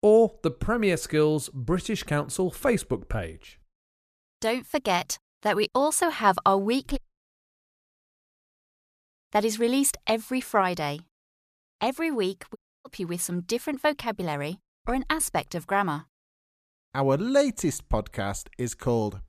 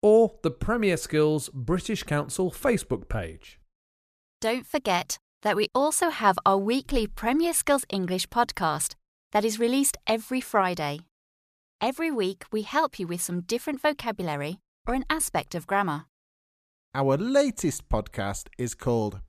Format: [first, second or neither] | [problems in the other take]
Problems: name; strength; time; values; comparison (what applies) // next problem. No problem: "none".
second | audio cutting out; at 7 s for 2 s and at 13 s